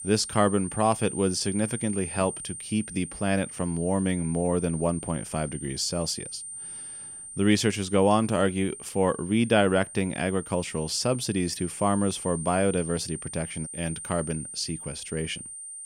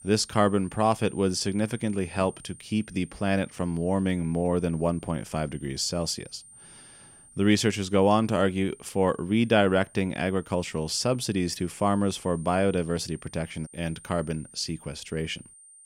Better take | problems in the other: second | high-pitched whine; loud; throughout; 9 kHz, 10 dB below the speech; faint in the second

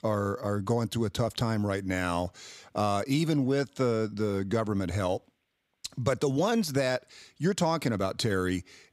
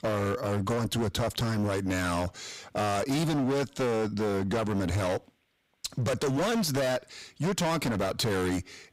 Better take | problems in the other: first | distortion; heavy; 25% of the sound clipped

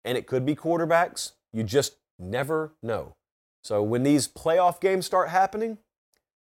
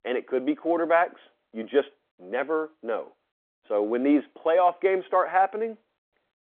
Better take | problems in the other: first | phone-call audio

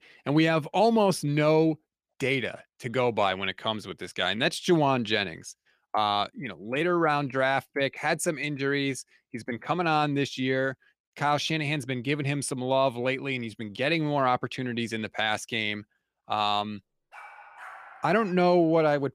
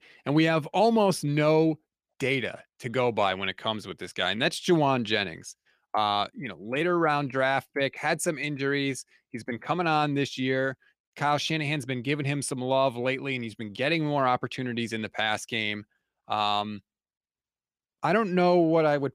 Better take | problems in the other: second | dog barking; faint; from 17 to 18 s; peak 15 dB below the speech

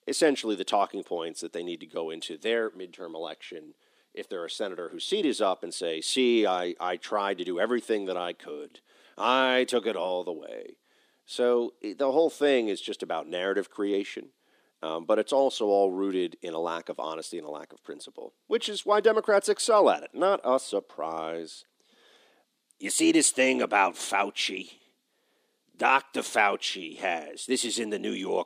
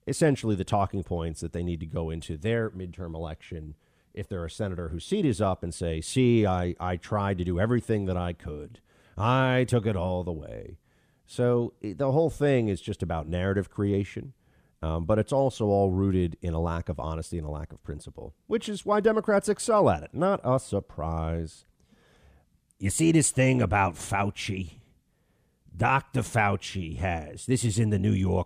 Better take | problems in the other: second | thin; somewhat; fading below 300 Hz

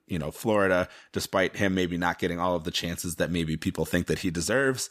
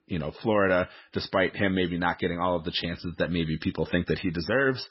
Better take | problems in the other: first | garbled, watery; badly; nothing above 5.5 kHz

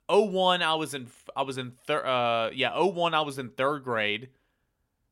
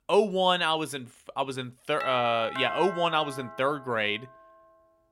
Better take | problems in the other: first | doorbell; noticeable; from 2 to 4 s; peak 7 dB below the speech

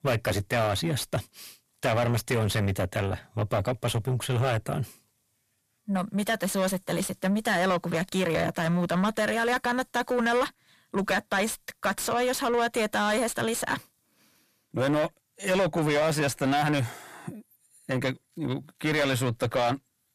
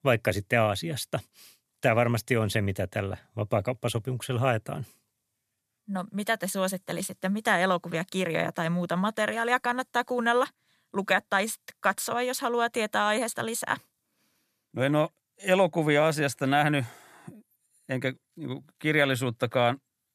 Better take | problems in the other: second | distortion; heavy; 6 dB below the speech

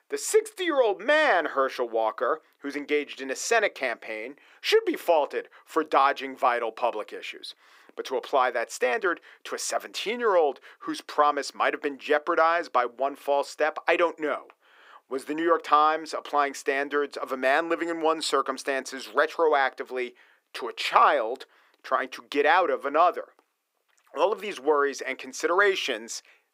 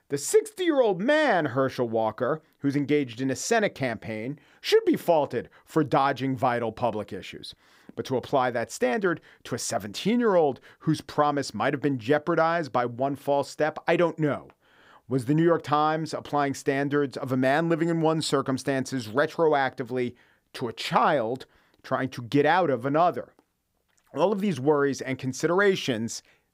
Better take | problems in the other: second | thin; somewhat; fading below 350 Hz

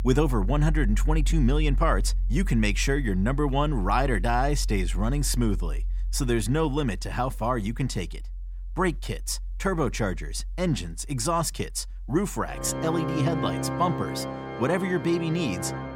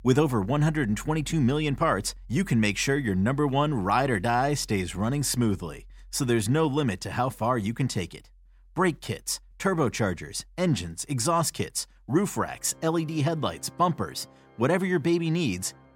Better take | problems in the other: second | background music; loud; throughout; 5 dB below the speech; faint in the second

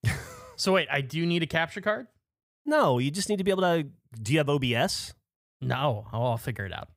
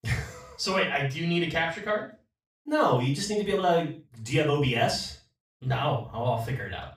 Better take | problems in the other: first | room echo; slight; dies away in 0.3 s // off-mic speech; far

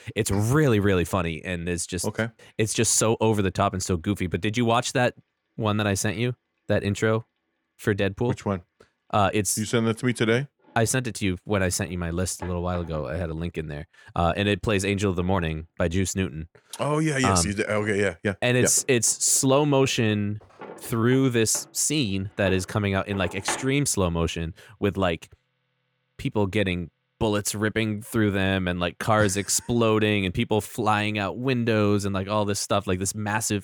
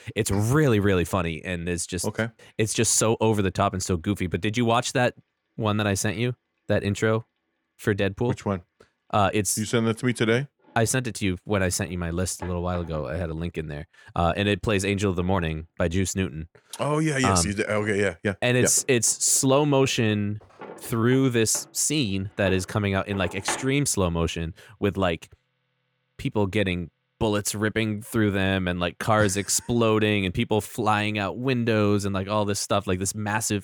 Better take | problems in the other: neither | household noises; noticeable; throughout; 20 dB below the speech; the same in both

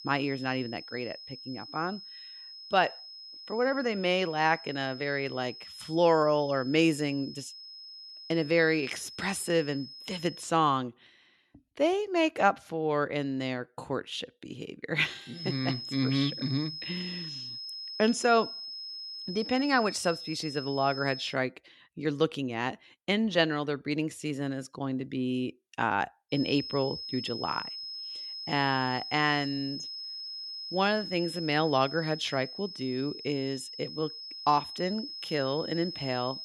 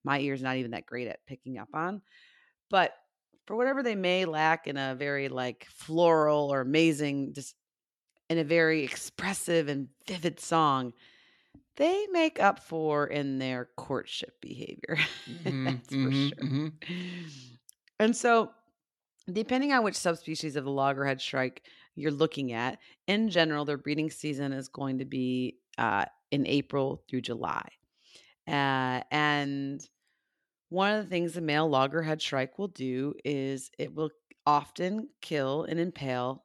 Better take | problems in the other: second | high-pitched whine; loud; until 10 s, from 15 to 21 s and from 26 s on; 5 kHz, 9 dB below the speech

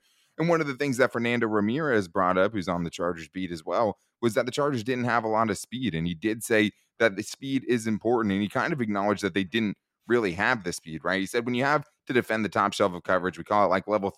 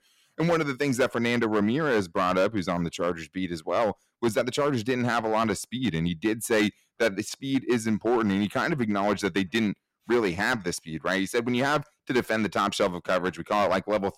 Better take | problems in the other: first | distortion; slight; 6% of the sound clipped

